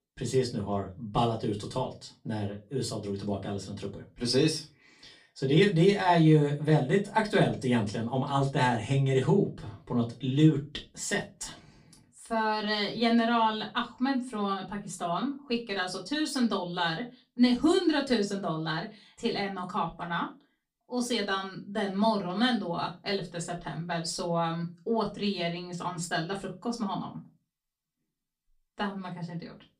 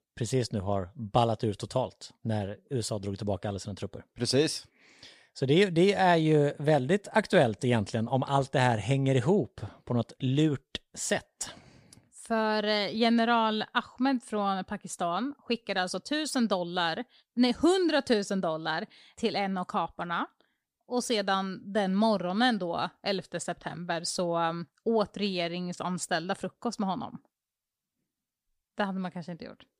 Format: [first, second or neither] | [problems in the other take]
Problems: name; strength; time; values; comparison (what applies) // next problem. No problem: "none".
second | off-mic speech; far // room echo; very slight; dies away in 0.2 s